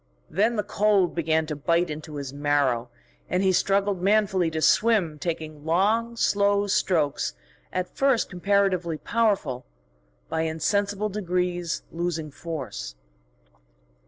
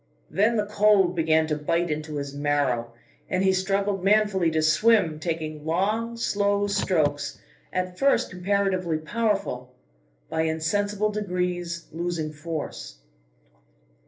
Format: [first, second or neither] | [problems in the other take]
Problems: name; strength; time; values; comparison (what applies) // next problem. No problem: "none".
first | background sound (Car); 15 dB below the speech // room echo; dies away in 0.3 s